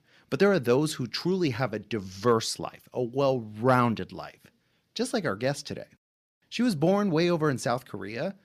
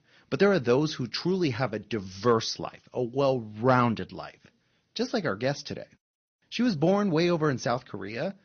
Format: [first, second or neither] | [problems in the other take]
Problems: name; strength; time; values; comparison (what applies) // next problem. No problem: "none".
first | garbled, watery; slightly; nothing above 6.5 kHz